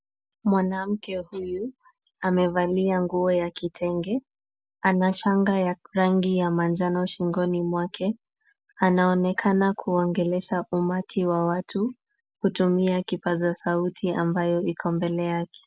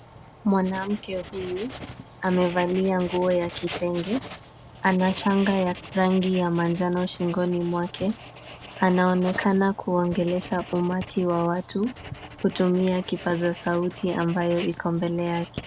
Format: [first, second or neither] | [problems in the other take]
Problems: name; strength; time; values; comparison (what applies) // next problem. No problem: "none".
first | background sound (Writing); 15 dB below the speech